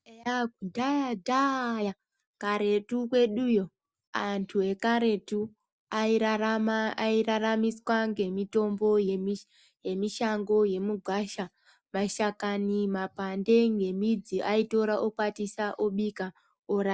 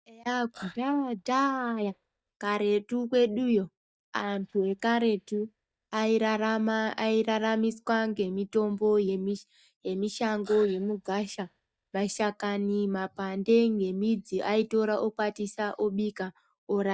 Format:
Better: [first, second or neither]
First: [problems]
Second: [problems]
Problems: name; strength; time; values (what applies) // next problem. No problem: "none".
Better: first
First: none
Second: noise reduction (neural mask model DeepFilterNet 3)